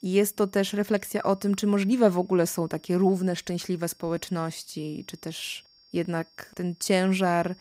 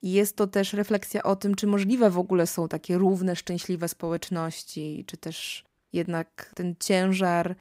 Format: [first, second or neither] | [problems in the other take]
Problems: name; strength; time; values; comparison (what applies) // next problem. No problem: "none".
second | high-pitched whine; faint; throughout; 5.5 kHz, 30 dB below the speech